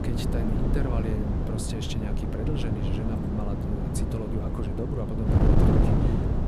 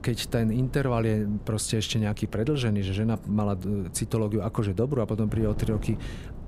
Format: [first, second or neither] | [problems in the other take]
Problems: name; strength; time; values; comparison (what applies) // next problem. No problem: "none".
second | wind noise on the microphone; heavy; 4 dB above the speech; occasional gusts in the second